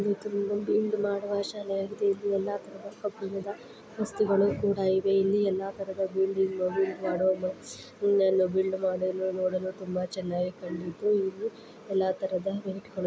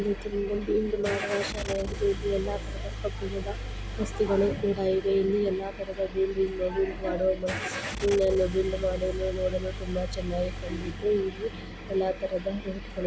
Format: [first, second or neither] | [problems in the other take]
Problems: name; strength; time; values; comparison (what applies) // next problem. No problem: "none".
first | background sound (Engine starting / Car); 7 dB below the speech